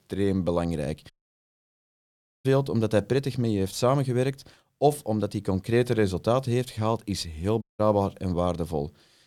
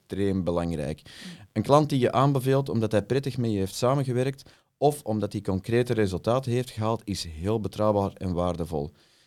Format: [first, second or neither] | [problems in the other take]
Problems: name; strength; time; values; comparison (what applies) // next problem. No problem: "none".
second | audio cutting out; at 1 s for 1.5 s and at 7.5 s